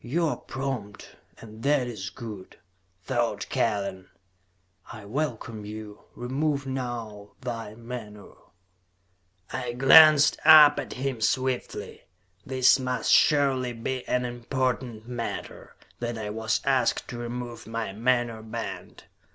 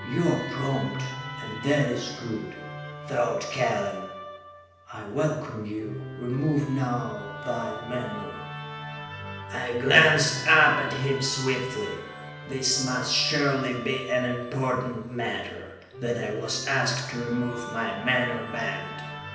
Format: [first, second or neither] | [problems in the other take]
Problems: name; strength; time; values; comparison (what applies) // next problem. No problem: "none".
first | background sound (Musical instrument); 10 dB below the speech // room echo; dies away in 0.9 s